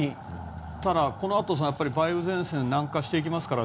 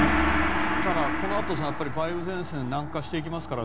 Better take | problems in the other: first | background sound (Gong); 3 dB above the speech

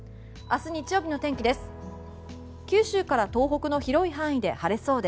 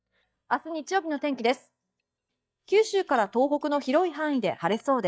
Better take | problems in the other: first | noise reduction (neural mask model DeepFilterNet 3)

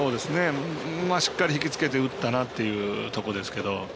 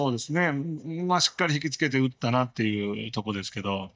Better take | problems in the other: first | noise reduction (neural mask model DeepFilterNet 3)

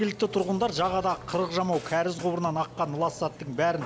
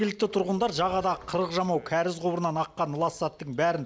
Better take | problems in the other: second | background sound (Burping, eructation); 17 dB below the speech

